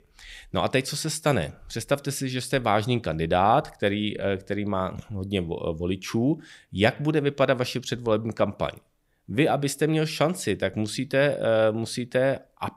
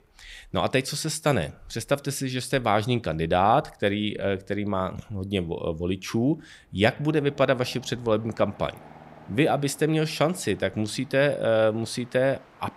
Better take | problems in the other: first | train or aircraft noise; faint; throughout; 25 dB below the speech

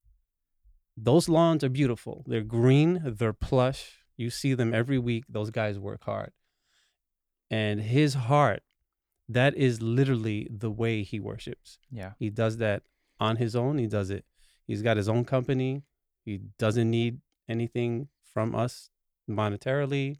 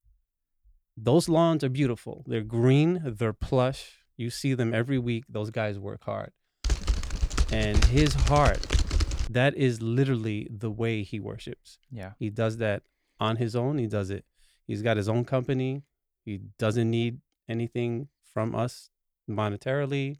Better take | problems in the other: first | keyboard typing; loud; from 6.5 to 9.5 s; peak 2 dB above the speech

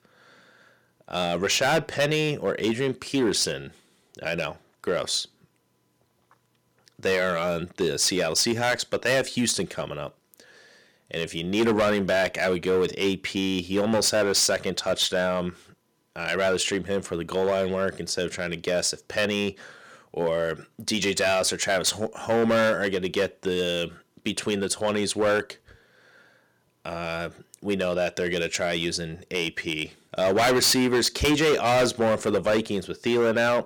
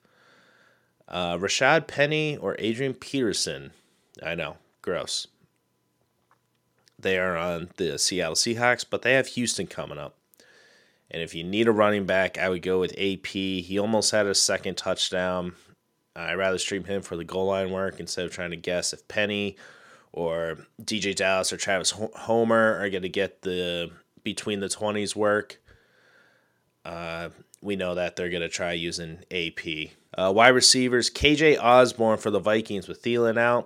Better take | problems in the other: second | distortion; heavy; 7% of the sound clipped

